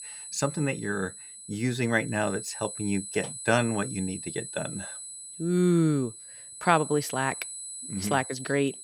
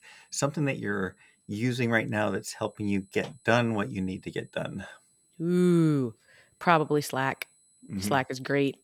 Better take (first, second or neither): second